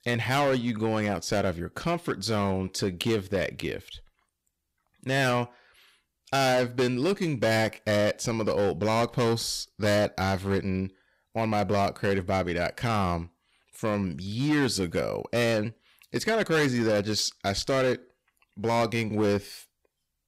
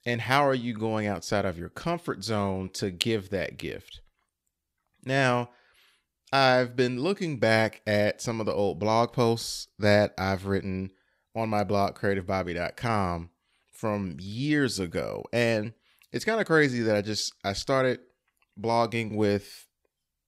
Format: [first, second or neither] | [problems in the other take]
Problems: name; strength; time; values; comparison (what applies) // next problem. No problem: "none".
second | distortion; heavy; 9% of the sound clipped